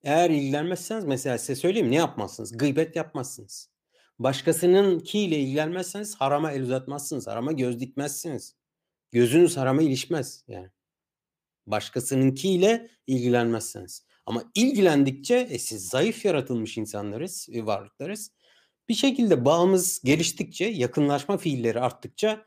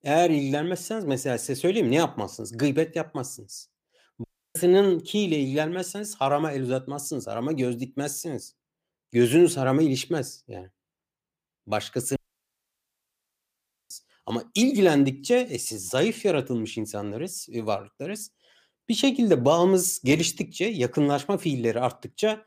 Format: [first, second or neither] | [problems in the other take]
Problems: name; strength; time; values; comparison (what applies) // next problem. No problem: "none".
first | audio cutting out; at 4 s and at 12 s for 1.5 s